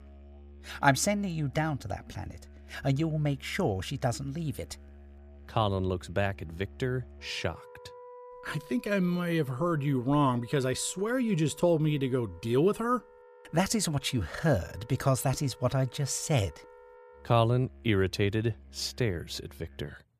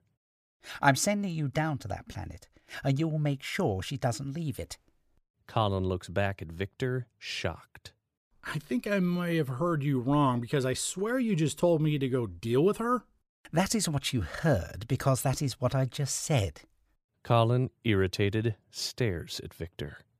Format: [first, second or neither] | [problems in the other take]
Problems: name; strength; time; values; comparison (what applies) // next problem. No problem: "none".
second | background music; faint; throughout; 20 dB below the speech